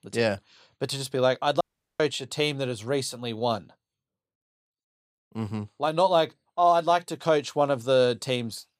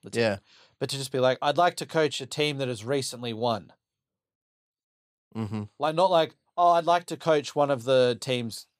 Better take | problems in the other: second | audio cutting out; at 1.5 s

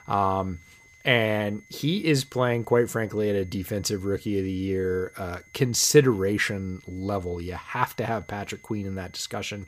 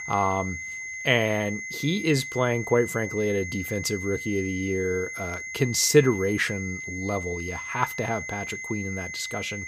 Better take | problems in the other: first | high-pitched whine; loud; throughout; 2 kHz, 7 dB below the speech; faint in the first

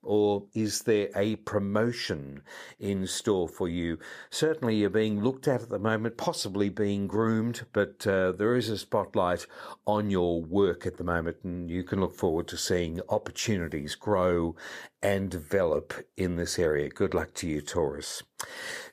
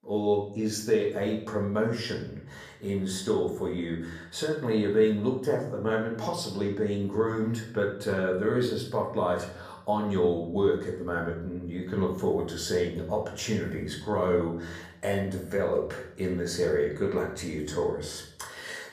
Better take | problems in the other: first | room echo; slight; dies away in 0.6 s // off-mic speech; far

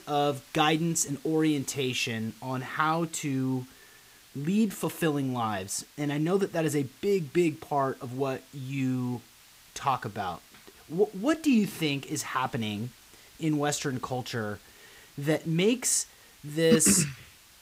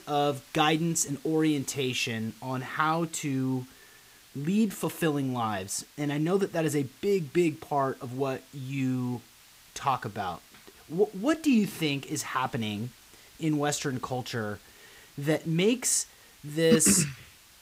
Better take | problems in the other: neither | hiss; faint; throughout; 25 dB below the speech; the same in both

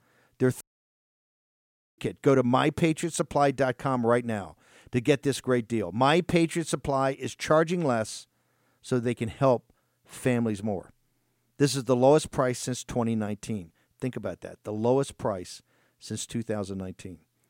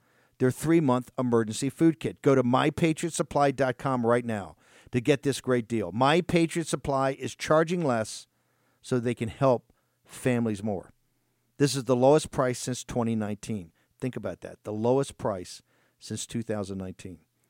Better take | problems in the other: second | audio cutting out; at 0.5 s for 1.5 s

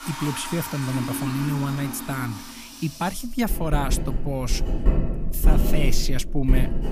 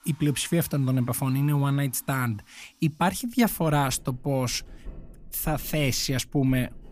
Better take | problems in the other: second | household noises; loud; throughout; as loud as the speech; faint in the second

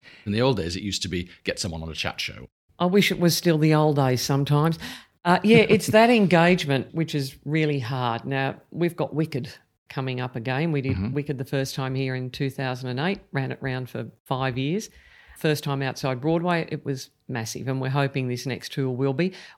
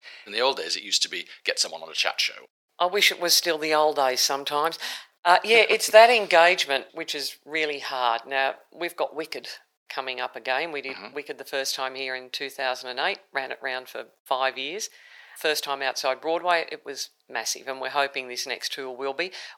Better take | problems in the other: first | thin; very; fading below 550 Hz

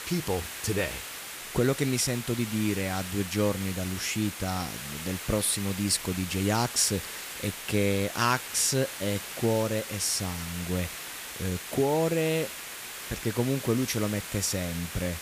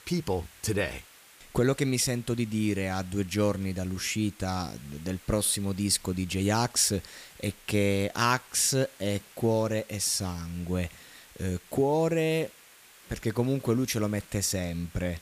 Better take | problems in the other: second | hiss; loud; throughout; 8 dB below the speech; faint in the second

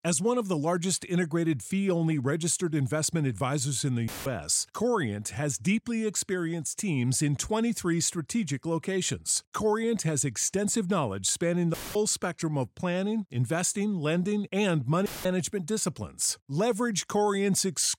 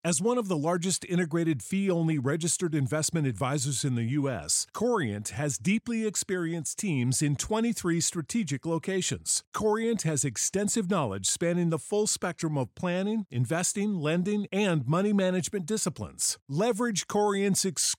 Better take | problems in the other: second | audio cutting out; filled with static; at 4 s, at 12 s and at 15 s

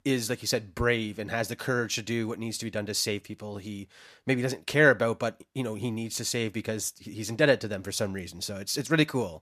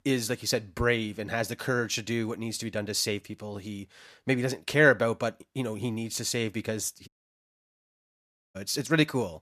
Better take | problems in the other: first | audio cutting out; at 7 s for 1.5 s

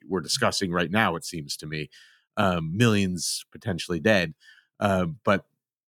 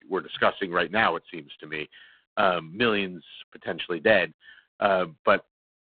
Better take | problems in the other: first | phone-call audio; poor line; nothing above 3.5 kHz

